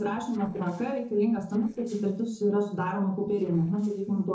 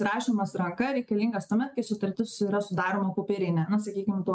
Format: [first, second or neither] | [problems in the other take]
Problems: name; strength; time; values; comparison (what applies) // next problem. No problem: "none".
second | noise reduction (neural separator model SepFormer DNS4)